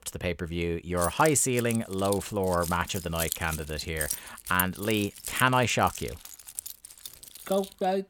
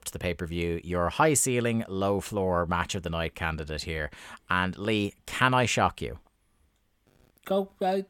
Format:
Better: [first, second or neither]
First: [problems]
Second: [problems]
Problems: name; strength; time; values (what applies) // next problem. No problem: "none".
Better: second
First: jangling keys; noticeable; from 1 s on; peak 4 dB below the speech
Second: none